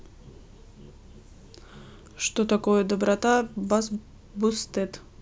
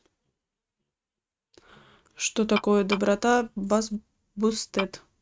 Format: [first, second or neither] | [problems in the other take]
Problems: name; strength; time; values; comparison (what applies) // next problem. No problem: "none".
first | noise reduction (neural mask model RNNoise)